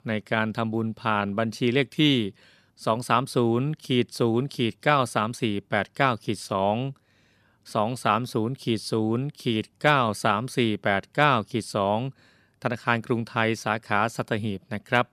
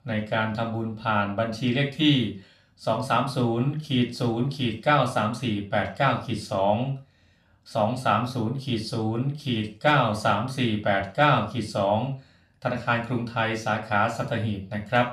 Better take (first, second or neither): first